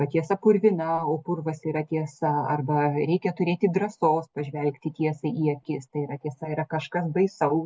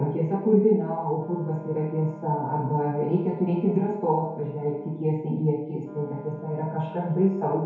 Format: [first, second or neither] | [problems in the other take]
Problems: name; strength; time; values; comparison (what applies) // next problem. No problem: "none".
first | background sound (Wind instrument, woodwind instrument); 20 dB below the speech // room echo; dies away in 0.9 s